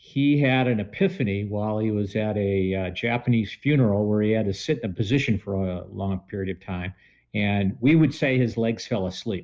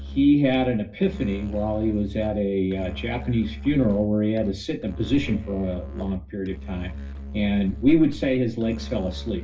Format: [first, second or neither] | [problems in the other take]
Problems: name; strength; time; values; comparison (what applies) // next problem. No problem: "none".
first | background sound (Musical instrument); 12 dB below the speech // room echo; dies away in 0.2 s